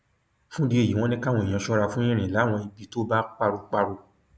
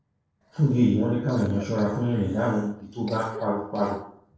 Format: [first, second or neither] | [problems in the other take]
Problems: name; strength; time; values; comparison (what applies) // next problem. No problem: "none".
first | noise reduction (neural separator model SepFormer DNS4)